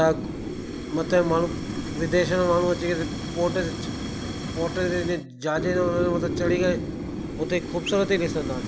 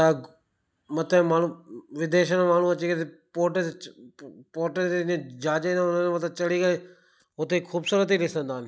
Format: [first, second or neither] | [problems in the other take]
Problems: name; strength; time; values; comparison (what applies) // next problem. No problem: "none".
second | background sound (Fire); 5 dB below the speech